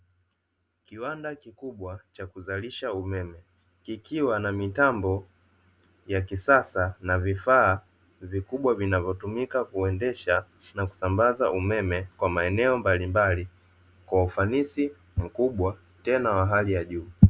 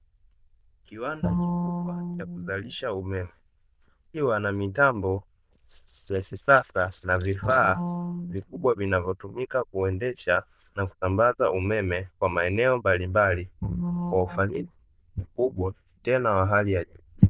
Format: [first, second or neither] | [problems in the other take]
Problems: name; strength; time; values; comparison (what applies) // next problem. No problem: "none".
first | noise reduction (neural diffusion model UNIVERSE++)